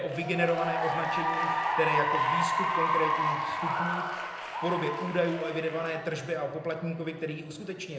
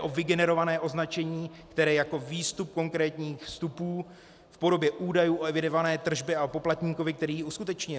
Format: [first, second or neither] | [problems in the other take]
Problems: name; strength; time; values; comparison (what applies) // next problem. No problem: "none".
second | background sound (Applause / Cheering); 1 dB above the speech // room echo; dies away in 0.8 s